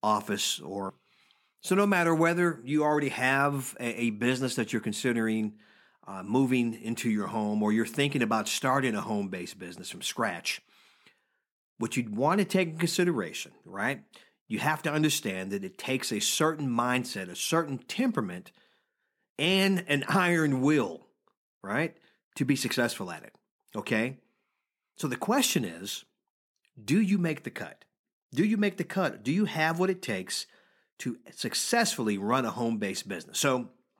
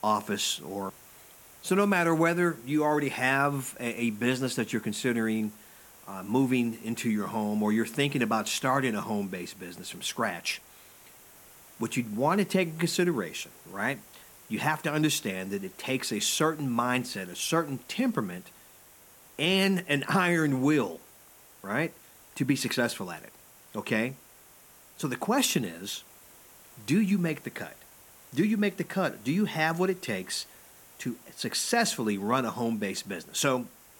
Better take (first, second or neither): first